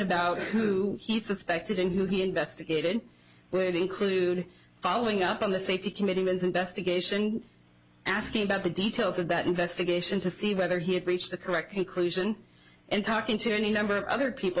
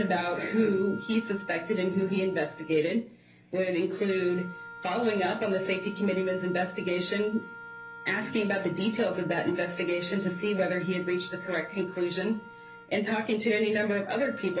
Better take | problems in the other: first | background sound (Wind instrument, woodwind instrument); 15 dB below the speech // room echo; dies away in 0.3 s

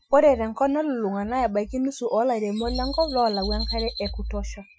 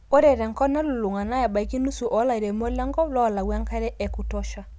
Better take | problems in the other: second | noise reduction (classical method Wiener filter)

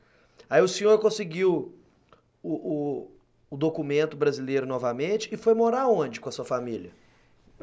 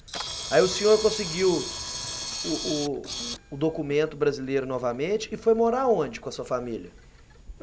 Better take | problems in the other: first | background sound (Camera); 10 dB below the speech

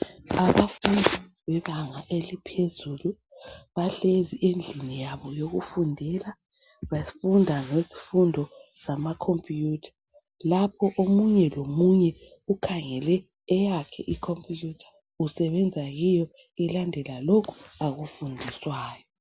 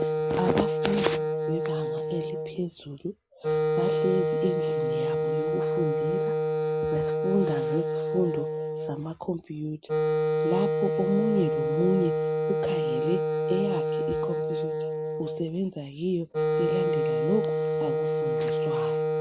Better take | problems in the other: first | background sound (Wind instrument, woodwind instrument); 4 dB above the speech

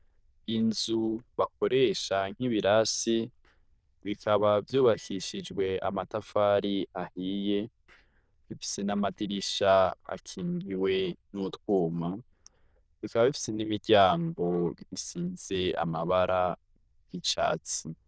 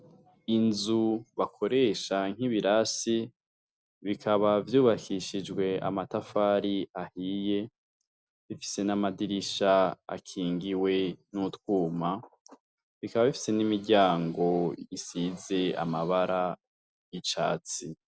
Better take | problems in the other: second | noise reduction (neural diffusion model UNIVERSE++)

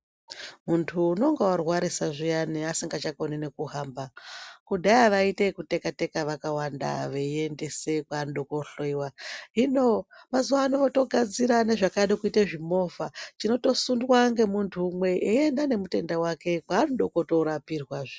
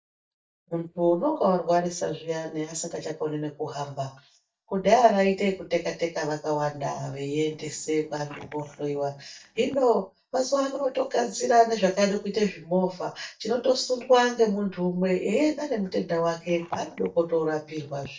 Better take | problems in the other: first | noise reduction (neural mask model DeepFilterNet 3)

